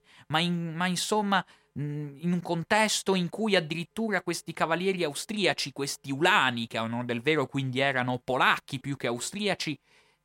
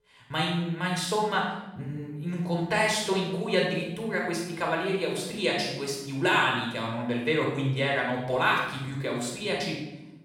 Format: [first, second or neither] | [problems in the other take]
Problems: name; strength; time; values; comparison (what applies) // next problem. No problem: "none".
first | off-mic speech; far // room echo; noticeable; dies away in 0.8 s